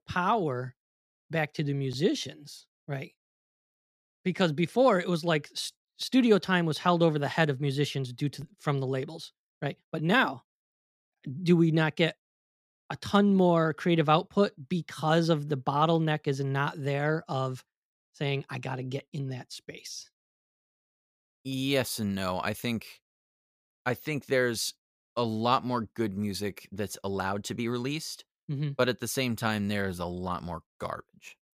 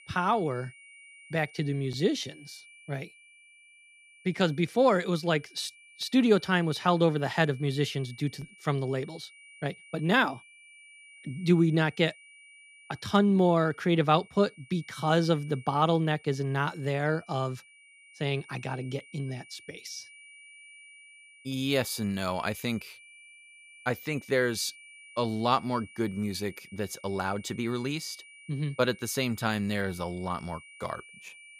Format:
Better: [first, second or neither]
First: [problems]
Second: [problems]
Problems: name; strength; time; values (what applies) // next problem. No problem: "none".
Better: first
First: none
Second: high-pitched whine; faint; throughout; 2.5 kHz, 20 dB below the speech